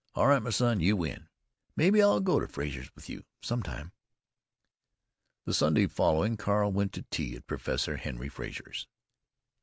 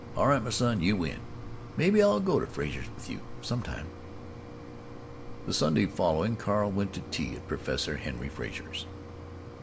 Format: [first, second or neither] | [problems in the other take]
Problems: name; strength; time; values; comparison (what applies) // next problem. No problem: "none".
first | background sound (Mechanisms); 11 dB below the speech // room echo; dies away in 0.4 s